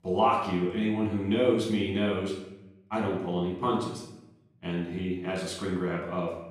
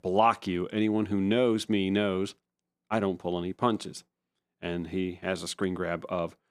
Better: second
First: off-mic speech; far // room echo; noticeable; dies away in 0.7 s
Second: none

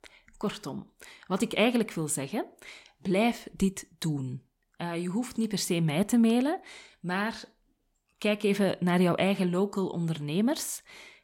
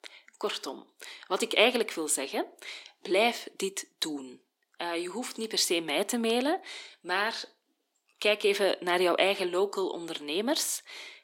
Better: first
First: none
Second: thin; somewhat; fading below 300 Hz

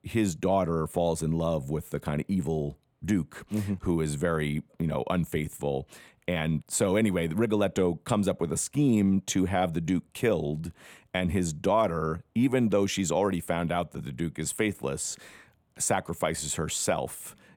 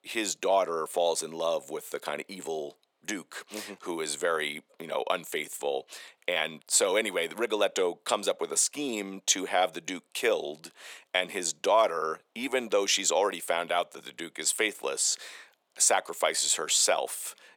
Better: first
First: none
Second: thin; very; fading below 450 Hz

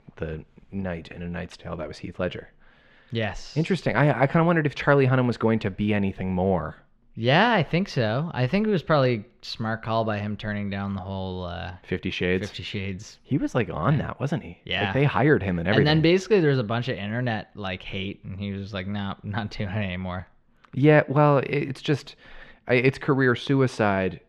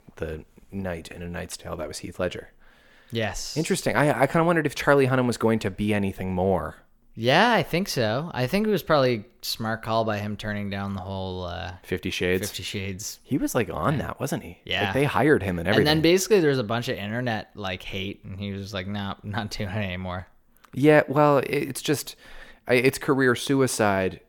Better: second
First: muffled; very slightly; fading above 3 kHz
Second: none

